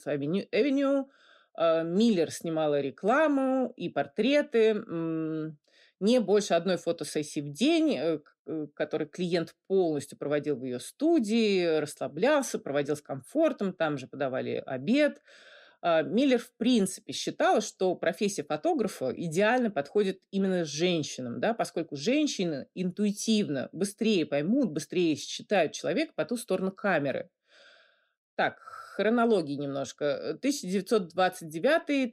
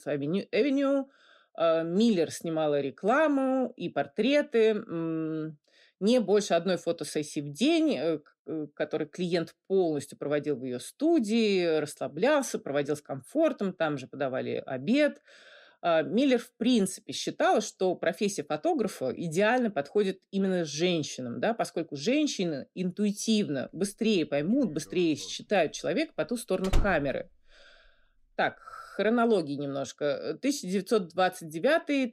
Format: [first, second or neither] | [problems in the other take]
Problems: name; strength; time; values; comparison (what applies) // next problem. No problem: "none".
first | door banging; noticeable; at 27 s; peak 4 dB below the speech